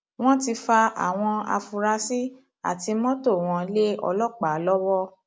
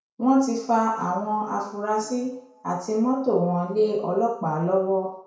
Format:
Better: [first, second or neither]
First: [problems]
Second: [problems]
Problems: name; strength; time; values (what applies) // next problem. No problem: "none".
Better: first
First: none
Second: room echo; dies away in 0.6 s